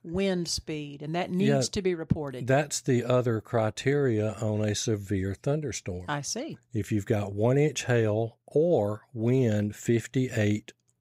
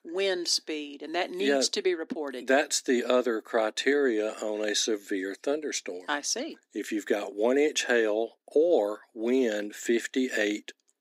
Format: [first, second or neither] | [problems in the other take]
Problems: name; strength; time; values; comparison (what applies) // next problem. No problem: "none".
first | thin; somewhat; fading below 250 Hz